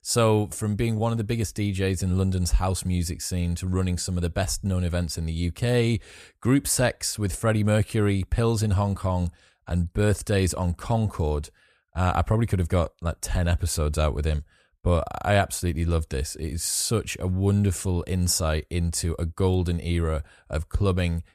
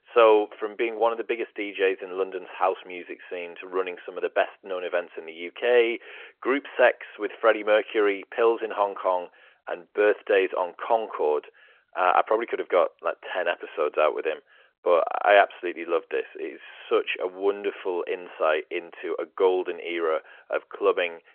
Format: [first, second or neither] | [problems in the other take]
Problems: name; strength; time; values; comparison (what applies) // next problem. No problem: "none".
first | phone-call audio